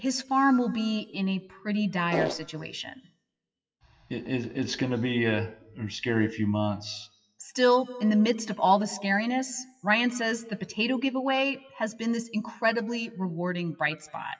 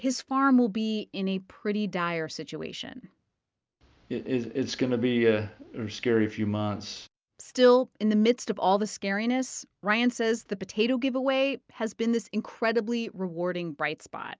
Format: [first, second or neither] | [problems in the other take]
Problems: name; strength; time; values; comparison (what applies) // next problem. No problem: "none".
second | noise reduction (classical method WPE with log-MMSE)